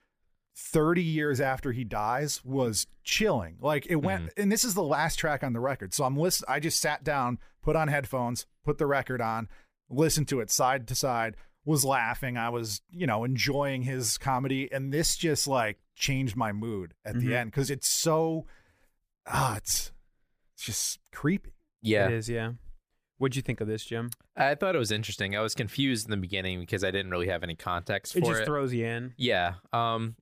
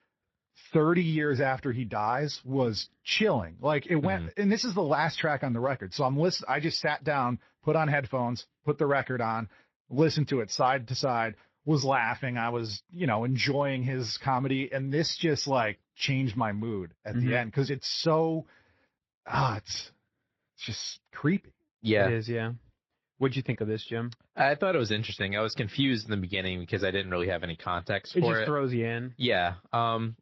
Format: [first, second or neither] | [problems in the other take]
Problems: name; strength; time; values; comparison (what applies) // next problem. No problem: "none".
first | garbled, watery; slightly